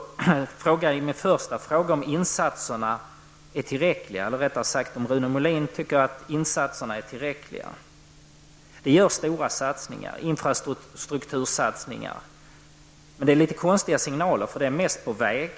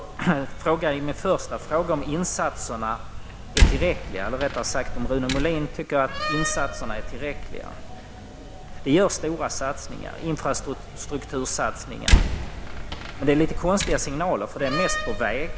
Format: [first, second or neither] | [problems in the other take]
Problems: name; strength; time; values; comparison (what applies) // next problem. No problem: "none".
first | background sound (Slam); 1 dB below the speech